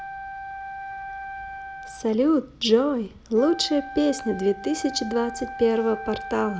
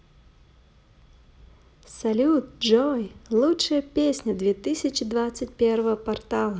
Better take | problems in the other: second | background sound (Wind instrument, woodwind instrument); 12 dB below the speech

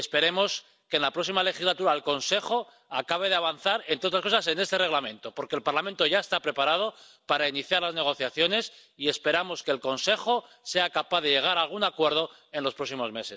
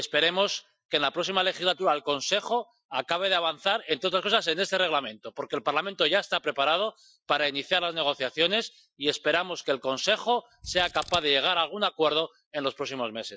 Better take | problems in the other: first | noise reduction (classical method Wiener filter)

